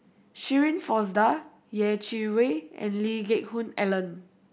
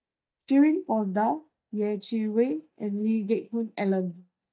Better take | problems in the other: first | noise reduction (neural mask model DeepFilterNet 3)

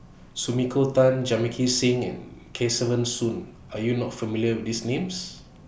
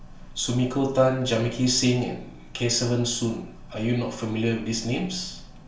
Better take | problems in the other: first | room echo; dies away in 0.4 s

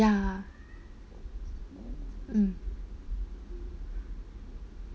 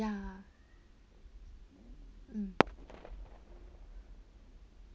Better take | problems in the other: first | background sound (Fireworks); 4 dB above the speech

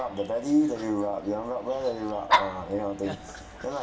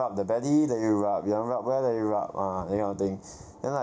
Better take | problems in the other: second | background sound (Dog); 4 dB below the speech // room echo; dies away in 0.7 s

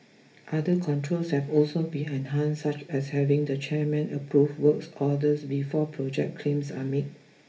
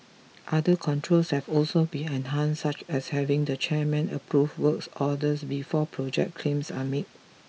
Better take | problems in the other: second | room echo; dies away in 0.3 s

